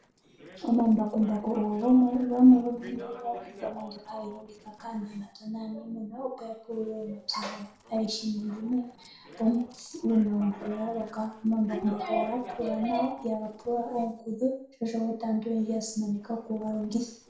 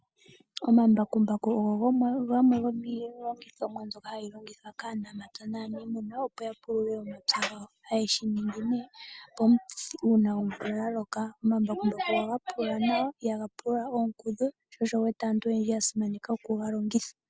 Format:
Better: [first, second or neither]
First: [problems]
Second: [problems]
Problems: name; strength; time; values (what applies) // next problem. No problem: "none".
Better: second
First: noise reduction (neural separator model SepFormer DNS4)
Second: none